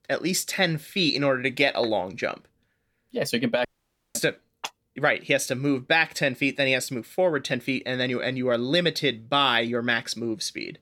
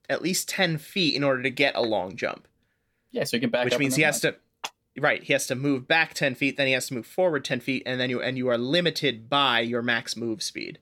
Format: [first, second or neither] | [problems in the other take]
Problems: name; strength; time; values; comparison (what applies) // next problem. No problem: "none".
second | audio cutting out; at 3.5 s for 0.5 s